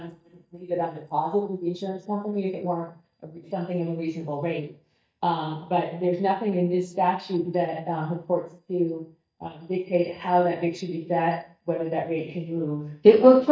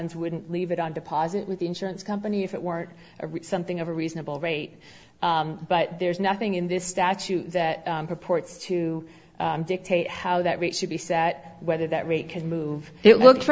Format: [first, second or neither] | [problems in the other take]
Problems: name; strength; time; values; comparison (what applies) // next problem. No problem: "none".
second | noise reduction (neural mask model DeepFilterNet 3)